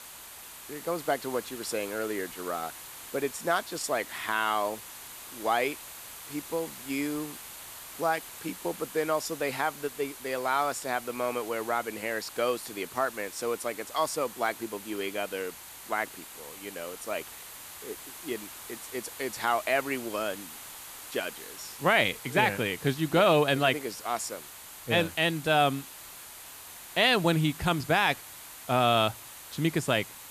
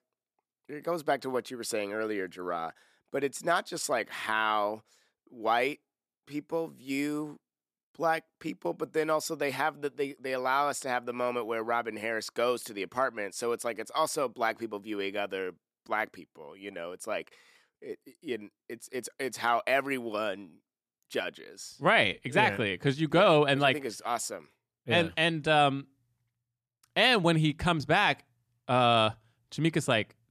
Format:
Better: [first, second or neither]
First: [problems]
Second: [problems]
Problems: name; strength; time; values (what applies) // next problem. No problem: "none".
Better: second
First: hiss; noticeable; throughout; 15 dB below the speech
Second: none